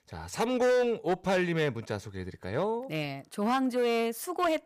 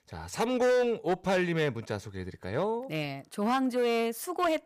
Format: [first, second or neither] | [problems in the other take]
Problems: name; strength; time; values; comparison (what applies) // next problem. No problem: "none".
neither | distortion; slight; 8% of the sound clipped; the same in both